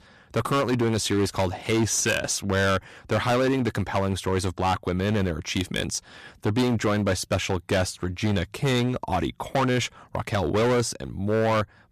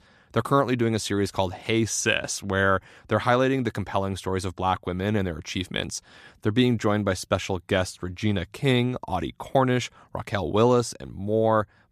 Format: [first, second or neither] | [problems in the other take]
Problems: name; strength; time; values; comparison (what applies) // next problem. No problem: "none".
second | distortion; heavy; 14% of the sound clipped